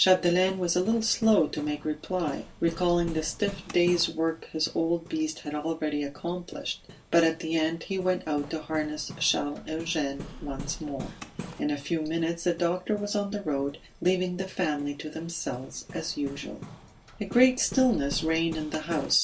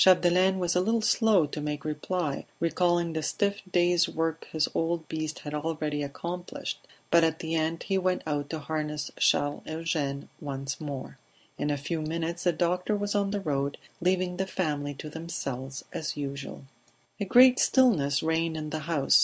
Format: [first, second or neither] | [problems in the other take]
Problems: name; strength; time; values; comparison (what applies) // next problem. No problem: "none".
second | background sound (Hammer); 16 dB below the speech // room echo; dies away in 0.2 s